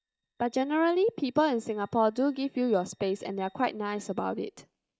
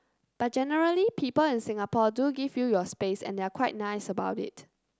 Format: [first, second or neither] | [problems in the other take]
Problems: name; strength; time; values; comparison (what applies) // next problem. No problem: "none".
second | noise reduction (neural mask model DeepFilterNet 3)